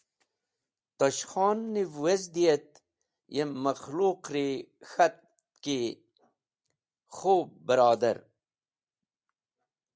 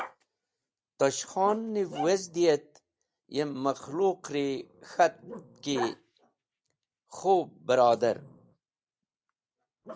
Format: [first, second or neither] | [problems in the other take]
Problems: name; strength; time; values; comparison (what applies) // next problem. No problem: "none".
first | background sound (Growling); 16 dB below the speech